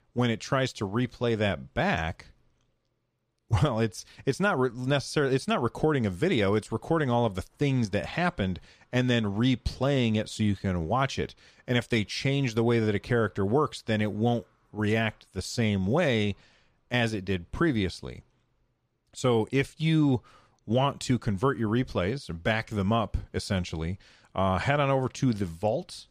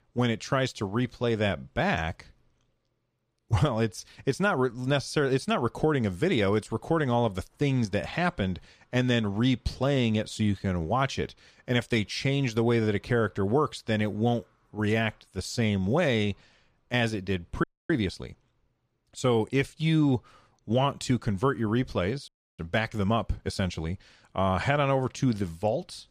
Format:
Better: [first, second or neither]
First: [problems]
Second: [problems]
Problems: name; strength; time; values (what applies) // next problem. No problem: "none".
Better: first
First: none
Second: audio freezing; at 18 s and at 22 s